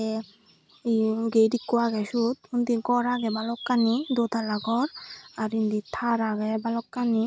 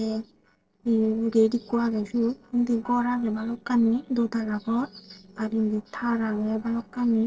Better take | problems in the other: first | noise reduction (neural separator model SepFormer DNS4)

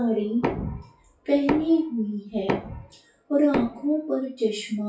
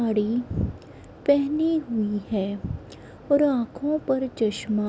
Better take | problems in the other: second | noise reduction (classical method WPE with log-MMSE)

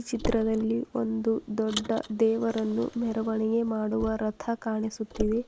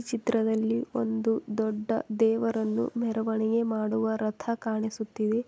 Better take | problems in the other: second | noise reduction (neural mask model Resemble Enhance denoiser)

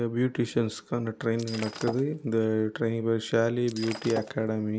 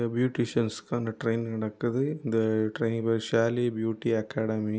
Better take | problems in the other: second | background sound (Shatter); 12 dB below the speech

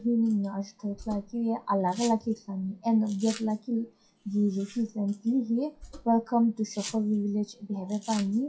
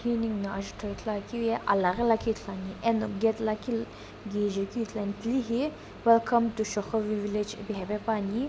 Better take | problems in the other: second | noise reduction (classical method WPE with log-MMSE)

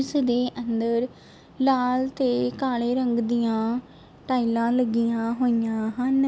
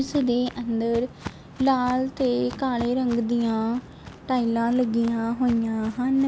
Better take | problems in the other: first | background sound (Walk, footsteps); 18 dB below the speech

